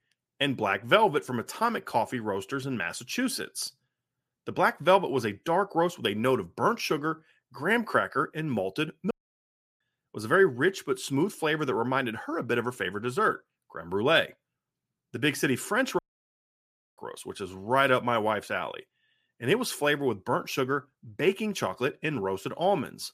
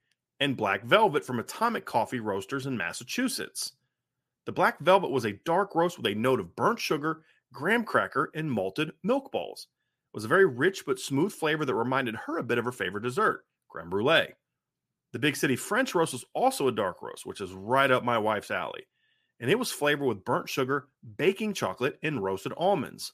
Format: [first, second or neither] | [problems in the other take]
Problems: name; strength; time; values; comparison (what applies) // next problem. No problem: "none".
second | audio cutting out; at 9 s for 0.5 s and at 16 s for 1 s